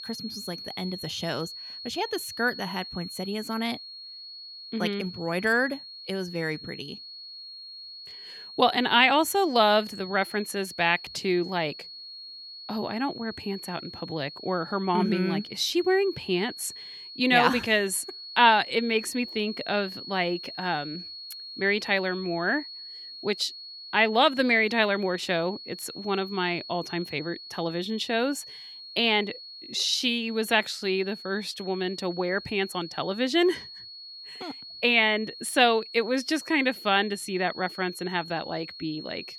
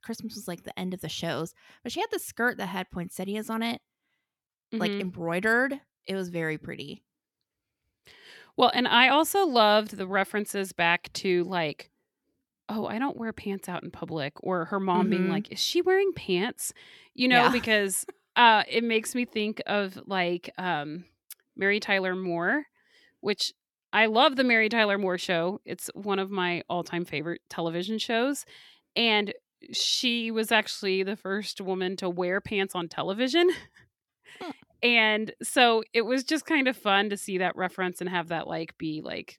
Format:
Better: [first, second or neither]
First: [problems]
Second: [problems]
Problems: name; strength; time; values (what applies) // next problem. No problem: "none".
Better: second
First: high-pitched whine; noticeable; throughout; 4.5 kHz, 15 dB below the speech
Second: none